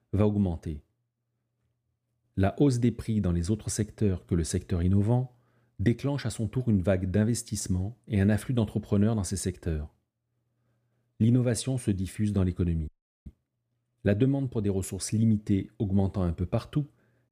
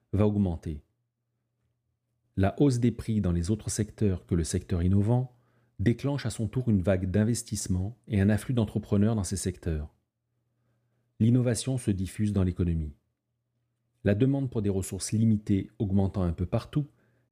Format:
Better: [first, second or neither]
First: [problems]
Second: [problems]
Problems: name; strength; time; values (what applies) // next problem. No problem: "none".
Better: second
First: audio freezing; at 13 s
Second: none